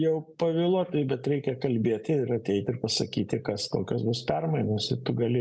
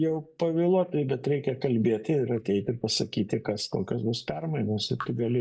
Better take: first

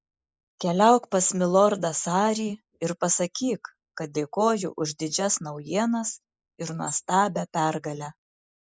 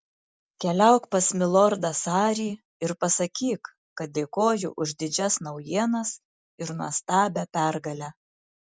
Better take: second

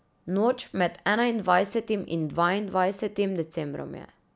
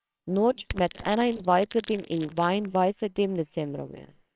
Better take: first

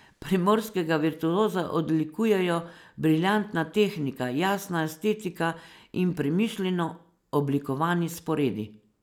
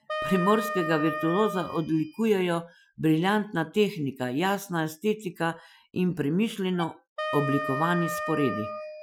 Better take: first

